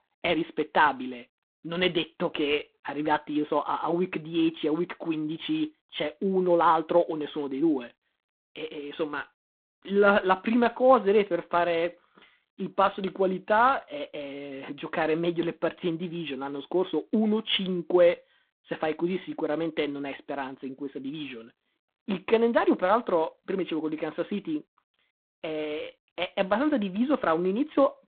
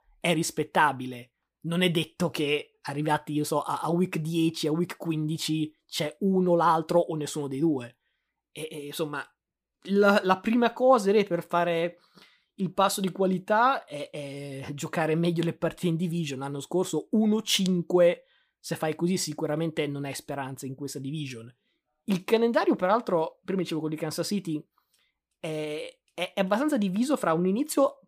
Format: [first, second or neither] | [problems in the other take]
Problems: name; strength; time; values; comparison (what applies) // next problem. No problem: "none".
second | phone-call audio; poor line